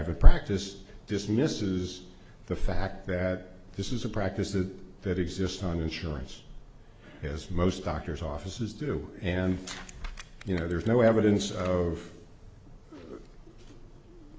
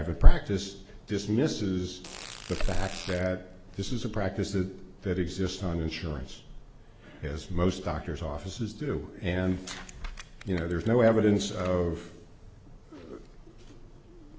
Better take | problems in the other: first | background sound (Fart); 17 dB below the speech

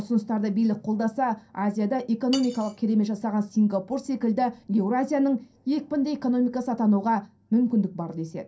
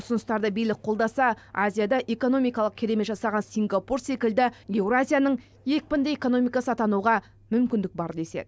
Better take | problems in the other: second | background sound (Cutlery, silverware); 19 dB below the speech // room echo; dies away in 0.3 s

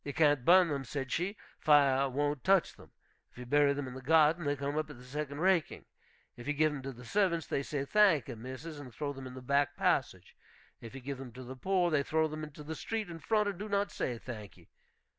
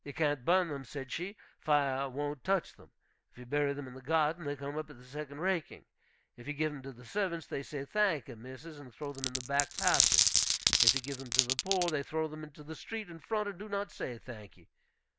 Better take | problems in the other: first | background sound (Glass); 4 dB above the speech

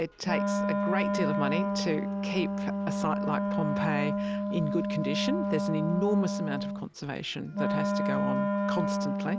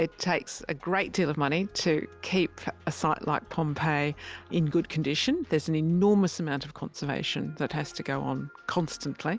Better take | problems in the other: second | background sound (Wind instrument, woodwind instrument); 3 dB above the speech

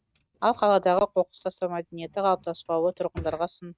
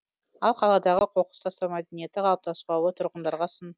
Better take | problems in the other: second | noise reduction (neural mask model RNNoise)

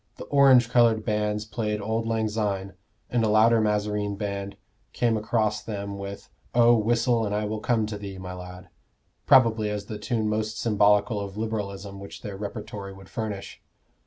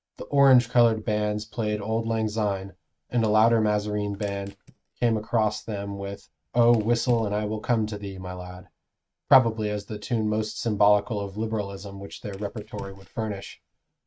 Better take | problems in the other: first | noise reduction (neural mask model RNNoise)

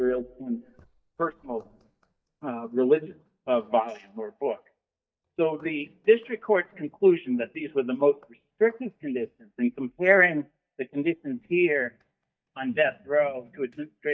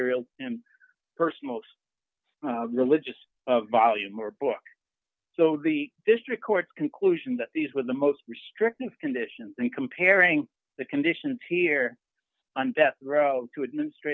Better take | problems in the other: second | noise reduction (neural mask model DeepFilterNet 3)

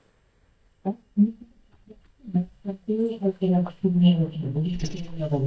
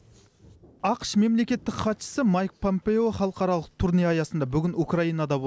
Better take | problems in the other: second | noise reduction (neural mask model DeepFilterNet 3)

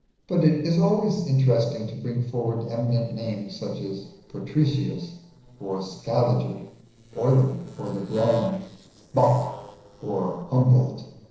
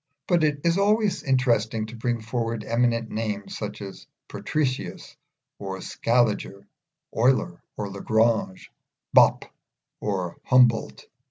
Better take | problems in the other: second | noise reduction (neural separator model SepFormer DNS4)

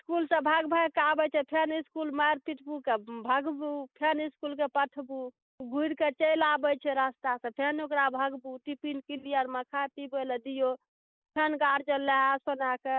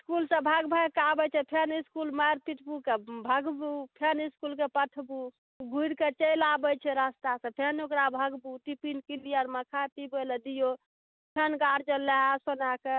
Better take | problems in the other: second | noise reduction (neural mask model Resemble Enhance denoiser)

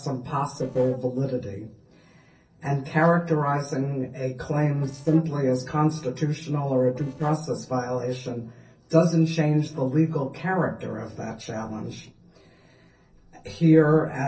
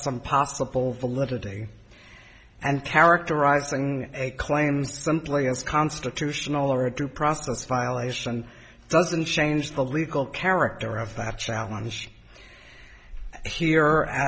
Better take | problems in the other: second | noise reduction (neural separator model SepFormer DNS4)

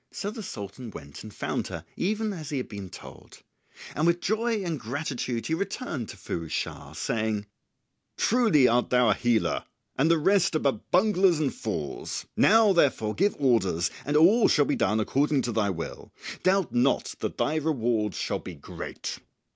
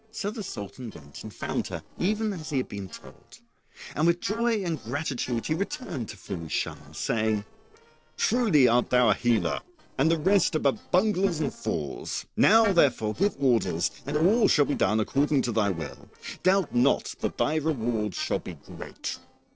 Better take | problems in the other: first | noise reduction (neural separator model SepFormer DNS4)

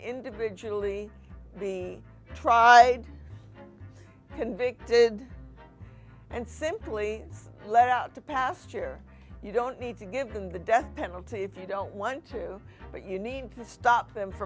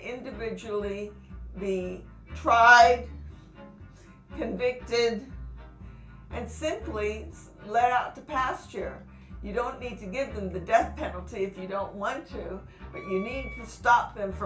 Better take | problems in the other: first | background sound (Wind instrument, woodwind instrument); 17 dB below the speech // room echo; dies away in 0.3 s

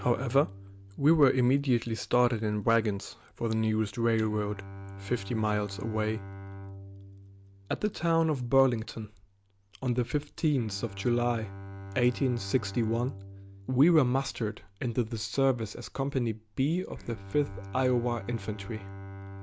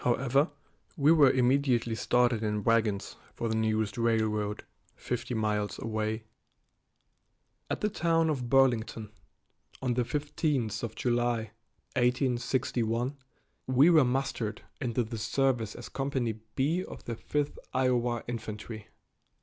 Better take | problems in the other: second | background sound (Bowed string instrument); 15 dB below the speech

